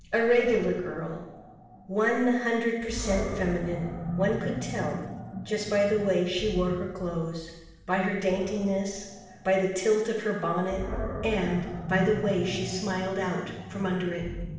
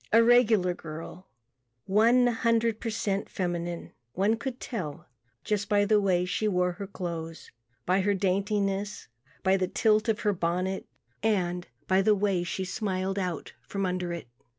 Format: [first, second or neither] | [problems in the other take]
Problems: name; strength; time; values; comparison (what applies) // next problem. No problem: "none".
second | background sound (Animal); 9 dB below the speech // room echo; dies away in 0.9 s